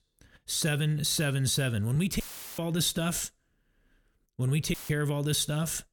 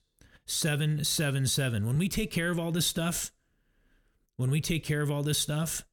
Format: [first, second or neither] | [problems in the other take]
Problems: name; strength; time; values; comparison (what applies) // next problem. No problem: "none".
second | audio cutting out; filled with static; at 2 s and at 4.5 s